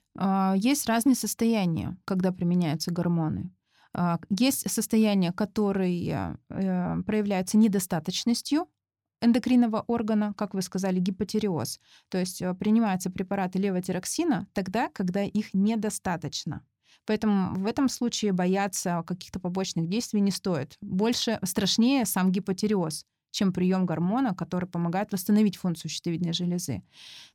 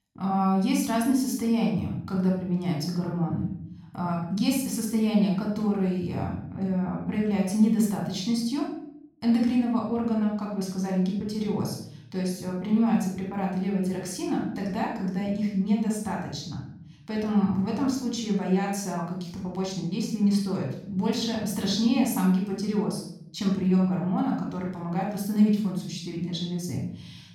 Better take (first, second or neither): first